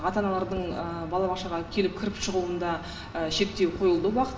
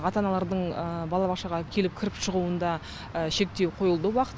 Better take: second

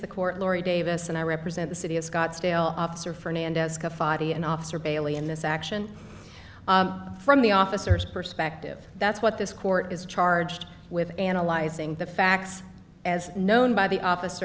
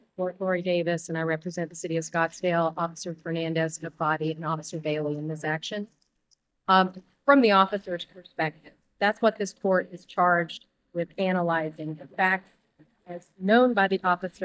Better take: first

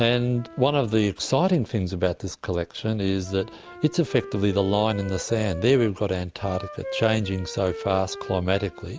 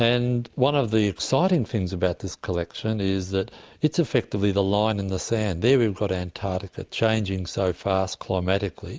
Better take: second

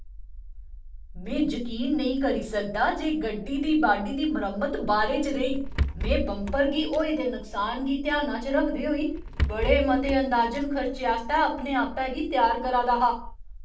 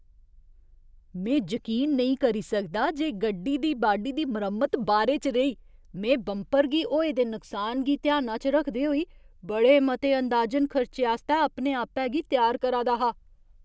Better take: second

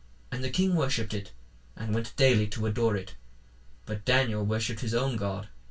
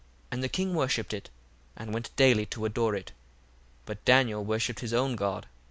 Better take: second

